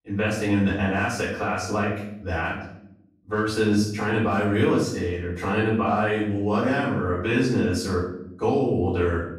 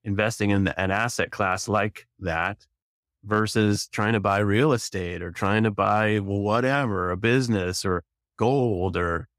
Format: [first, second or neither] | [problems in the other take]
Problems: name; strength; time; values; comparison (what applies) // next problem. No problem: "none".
second | off-mic speech; far // room echo; noticeable; dies away in 0.8 s